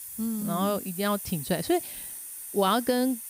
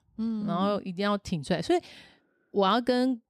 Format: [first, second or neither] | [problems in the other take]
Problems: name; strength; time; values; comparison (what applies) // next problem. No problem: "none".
second | hiss; loud; throughout; 8 dB below the speech